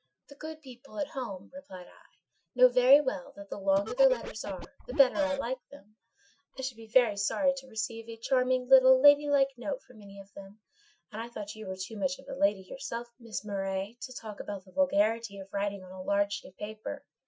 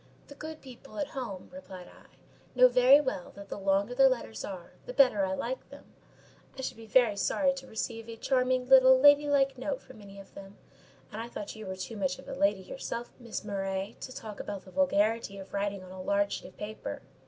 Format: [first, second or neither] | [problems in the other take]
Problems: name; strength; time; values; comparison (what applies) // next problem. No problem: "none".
second | noise reduction (classical method Wiener filter)